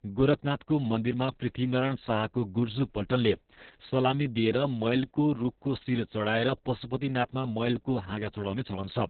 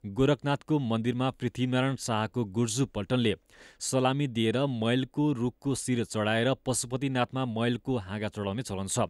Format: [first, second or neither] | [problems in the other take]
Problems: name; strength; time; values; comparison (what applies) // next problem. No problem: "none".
second | garbled, watery; badly; nothing above 4 kHz